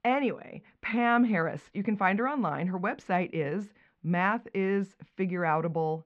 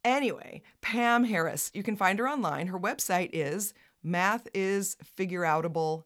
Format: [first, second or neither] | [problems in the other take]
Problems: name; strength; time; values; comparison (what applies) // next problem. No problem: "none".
second | muffled; very; fading above 2.5 kHz